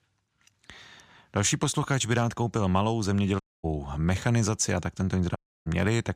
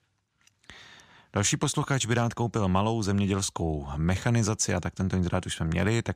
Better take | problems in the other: second | audio cutting out; at 3.5 s and at 5.5 s

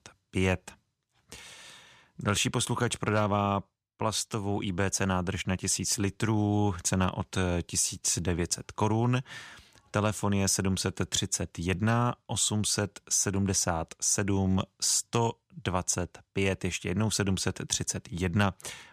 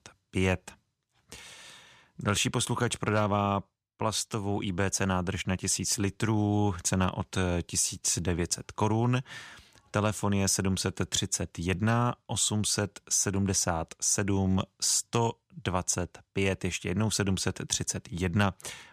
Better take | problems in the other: neither | none

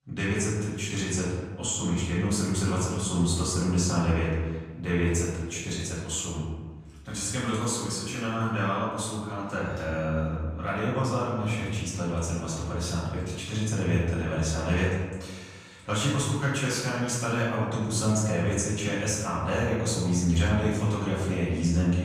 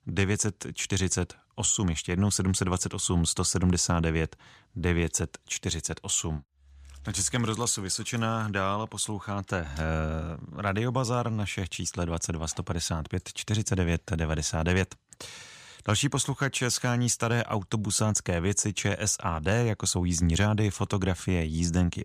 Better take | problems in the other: second | off-mic speech; far // room echo; noticeable; dies away in 1.3 s

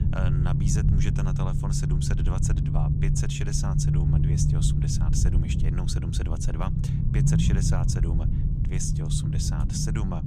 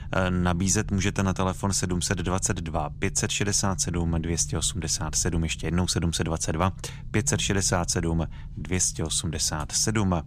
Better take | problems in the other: second | low rumble; loud; throughout; as loud as the speech; faint in the second

